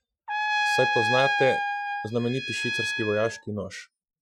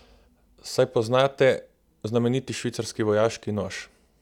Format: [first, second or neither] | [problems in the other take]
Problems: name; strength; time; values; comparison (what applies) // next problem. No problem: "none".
second | noise reduction (classical method Wiener filter)